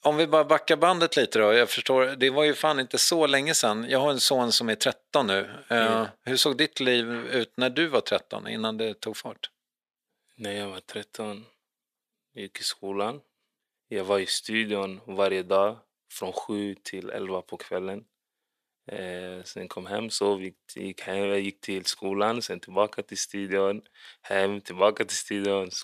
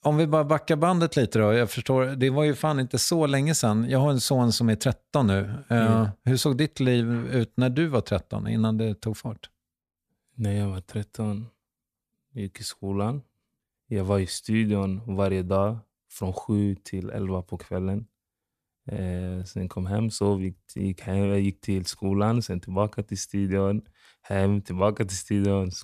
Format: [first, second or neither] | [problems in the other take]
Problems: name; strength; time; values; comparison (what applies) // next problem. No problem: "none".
second | thin; somewhat; fading below 450 Hz